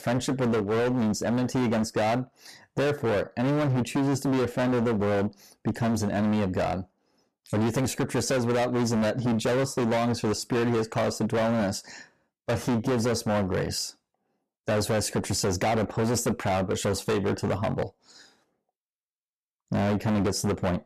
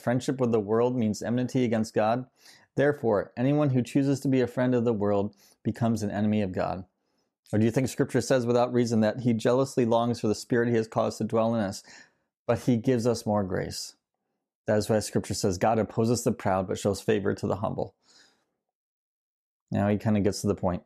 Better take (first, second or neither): second